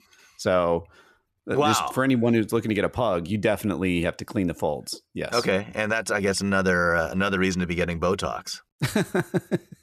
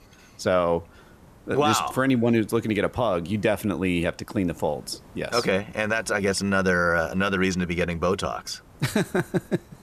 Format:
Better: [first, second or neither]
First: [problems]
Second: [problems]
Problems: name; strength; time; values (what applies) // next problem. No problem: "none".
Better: first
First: none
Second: hiss; faint; throughout; 25 dB below the speech